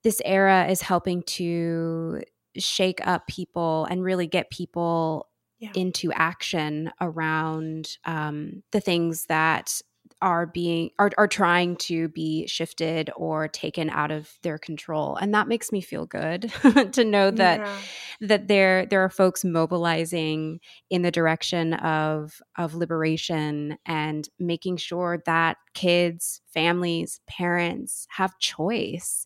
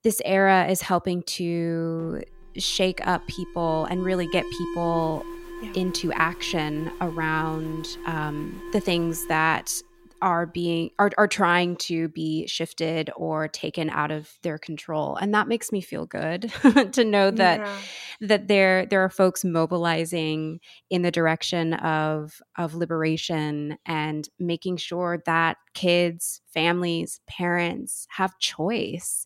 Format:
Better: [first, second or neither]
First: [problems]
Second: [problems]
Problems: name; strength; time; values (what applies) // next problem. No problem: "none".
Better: first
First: none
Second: alarm; noticeable; from 2 to 10 s; peak 9 dB below the speech